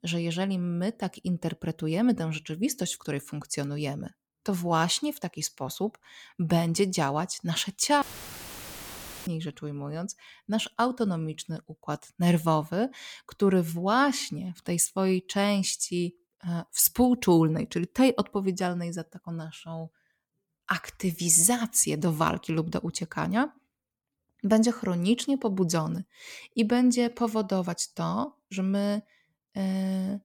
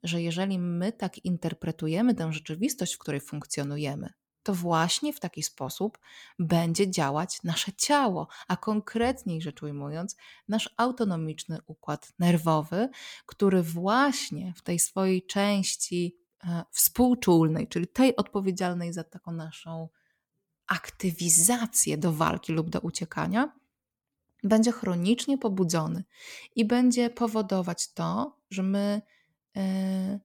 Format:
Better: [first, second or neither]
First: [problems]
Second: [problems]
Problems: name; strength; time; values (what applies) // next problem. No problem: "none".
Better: second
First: audio cutting out; filled with static; at 8 s for 1.5 s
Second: none